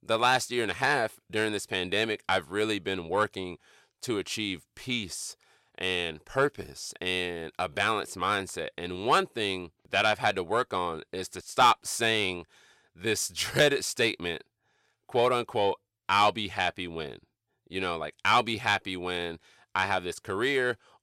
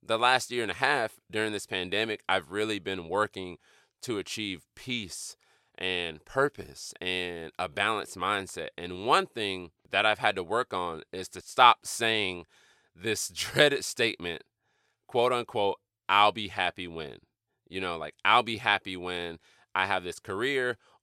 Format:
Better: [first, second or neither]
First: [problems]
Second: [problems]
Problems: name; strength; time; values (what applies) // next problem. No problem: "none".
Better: second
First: distortion; slight; 10 dB below the speech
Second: none